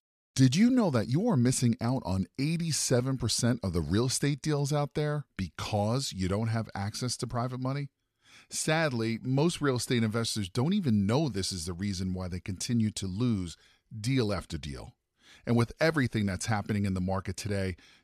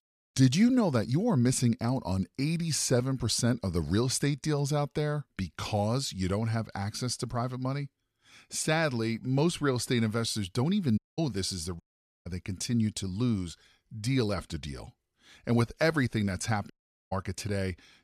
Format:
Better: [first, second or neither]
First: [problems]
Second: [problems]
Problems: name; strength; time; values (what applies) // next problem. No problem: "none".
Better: first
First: none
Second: audio cutting out; at 11 s, at 12 s and at 17 s